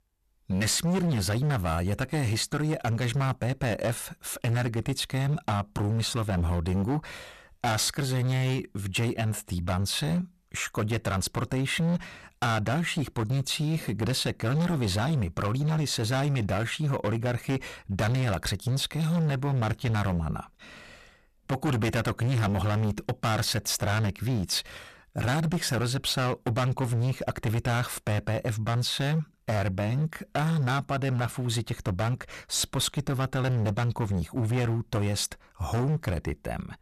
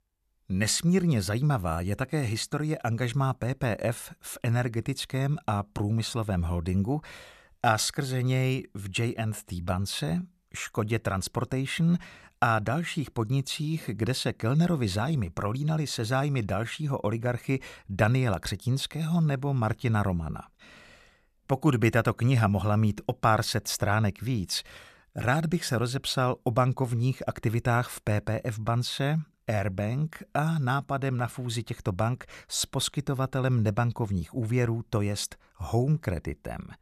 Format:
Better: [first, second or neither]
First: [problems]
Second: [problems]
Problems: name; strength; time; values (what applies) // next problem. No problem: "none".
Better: second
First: distortion; heavy; 20% of the sound clipped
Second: none